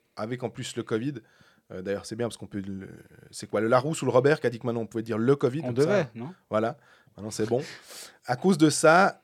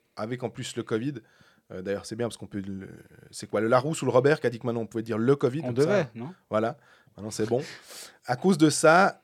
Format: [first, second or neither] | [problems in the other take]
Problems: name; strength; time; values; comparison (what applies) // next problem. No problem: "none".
neither | none